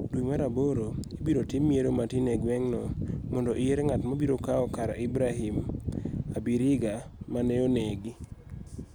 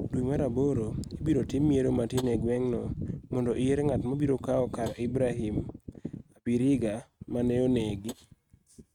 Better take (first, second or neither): first